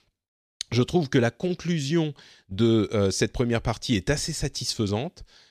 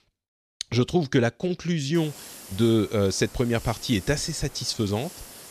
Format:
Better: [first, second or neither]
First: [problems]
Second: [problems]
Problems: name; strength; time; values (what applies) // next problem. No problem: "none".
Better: first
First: none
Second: hiss; noticeable; from 2 s on; 20 dB below the speech